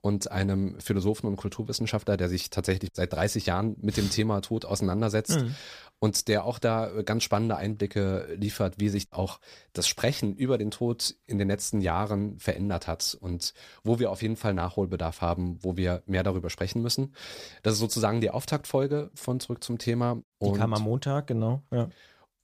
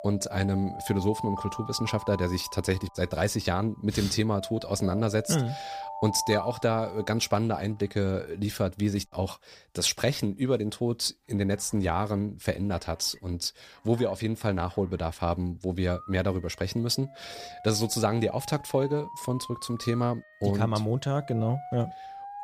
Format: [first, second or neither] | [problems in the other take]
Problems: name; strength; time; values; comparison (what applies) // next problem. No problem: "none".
first | alarms or sirens; noticeable; throughout; 15 dB below the speech